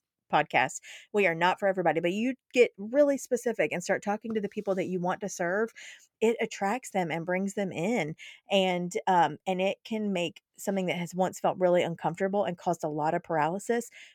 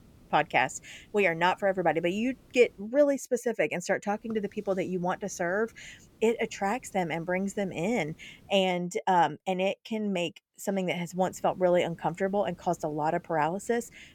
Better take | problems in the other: first | hiss; faint; until 3 s, from 4 to 8.5 s and from 11 s on; 30 dB below the speech

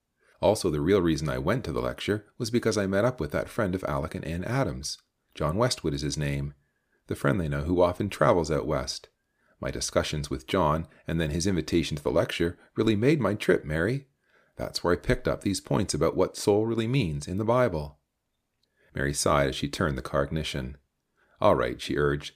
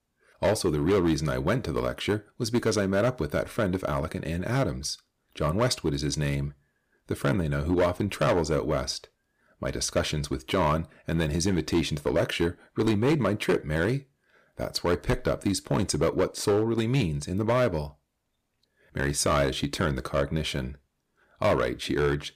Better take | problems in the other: first | distortion; slight; 5% of the sound clipped

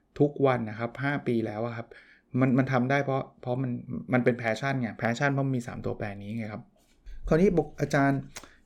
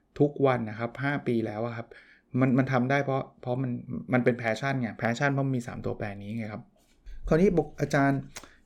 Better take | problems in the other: neither | none

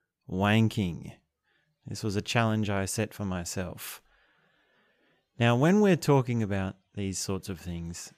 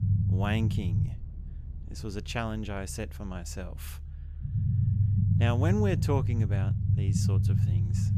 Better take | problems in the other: first | low rumble; loud; throughout; 4 dB below the speech

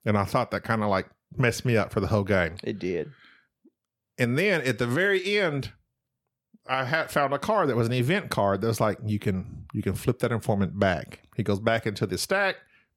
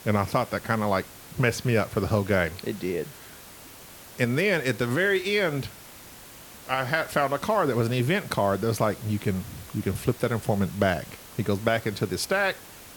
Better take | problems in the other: first | hiss; noticeable; throughout; 15 dB below the speech

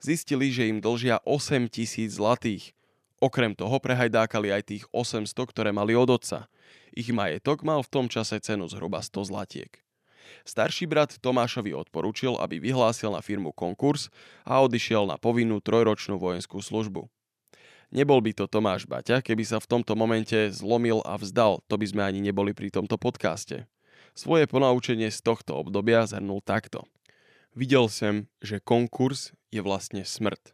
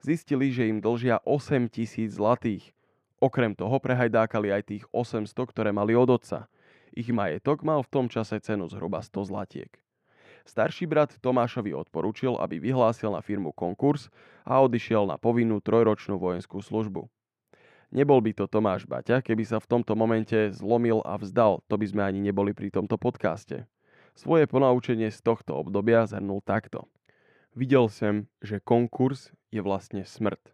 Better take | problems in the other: first | muffled; slightly; fading above 2.5 kHz

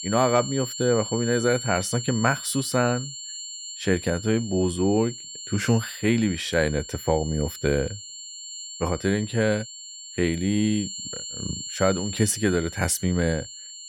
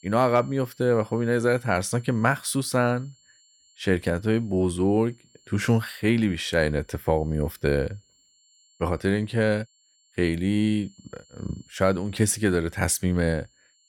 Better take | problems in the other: second | high-pitched whine; loud; throughout; 7.5 kHz, 10 dB below the speech; faint in the second

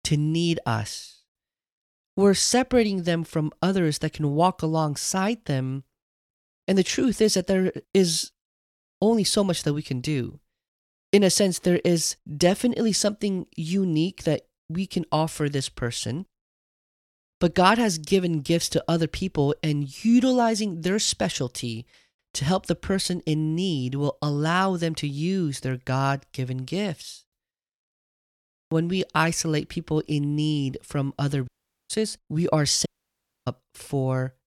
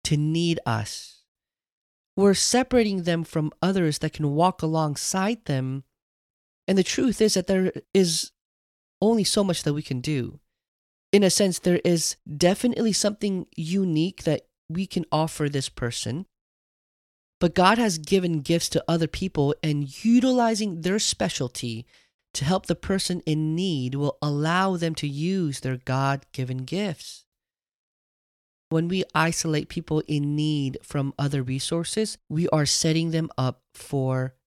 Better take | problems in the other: second | audio cutting out; at 31 s and at 33 s for 0.5 s

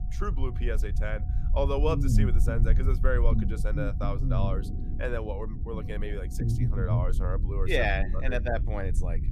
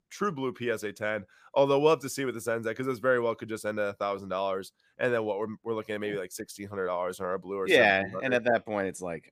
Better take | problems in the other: second | low rumble; loud; throughout; 10 dB below the speech

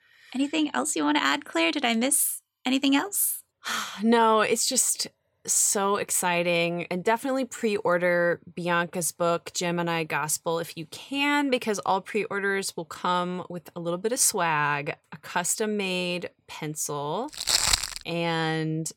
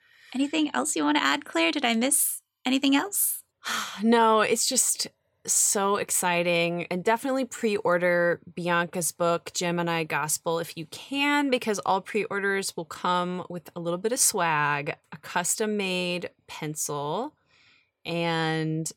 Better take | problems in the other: second | footsteps; loud; at 17 s; peak 5 dB above the speech

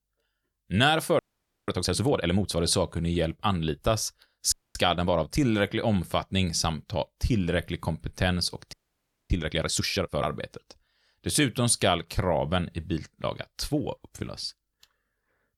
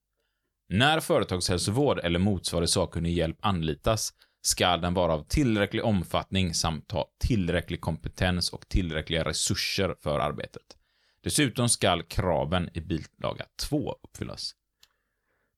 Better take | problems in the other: second | audio freezing; at 1 s, at 4.5 s and at 8.5 s for 0.5 s

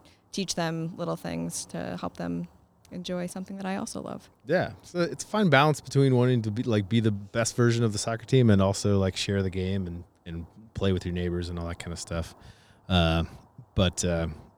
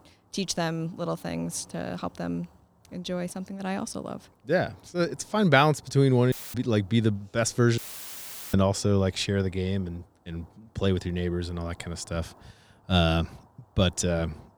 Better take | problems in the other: first | audio cutting out; filled with static; at 6.5 s and at 8 s for 0.5 s

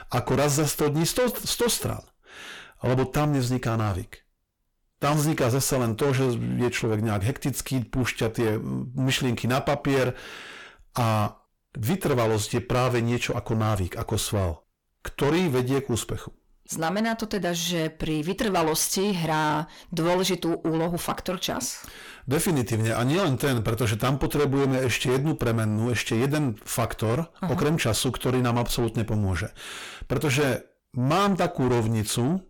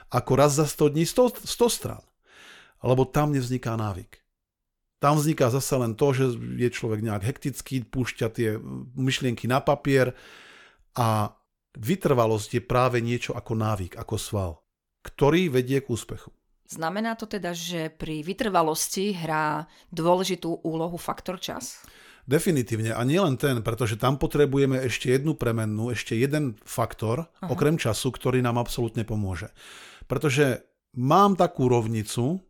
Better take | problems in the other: second | distortion; heavy; 6 dB below the speech

